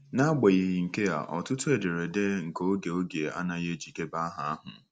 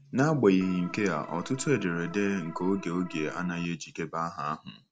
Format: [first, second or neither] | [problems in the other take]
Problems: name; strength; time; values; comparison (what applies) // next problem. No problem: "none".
first | background sound (Organ); 16 dB below the speech